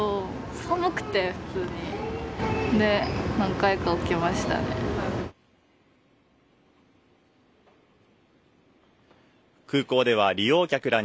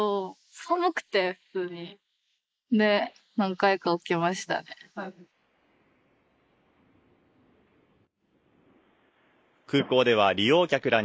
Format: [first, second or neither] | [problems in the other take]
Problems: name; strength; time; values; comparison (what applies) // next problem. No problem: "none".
first | noise reduction (neural mask model Resemble Enhance denoiser)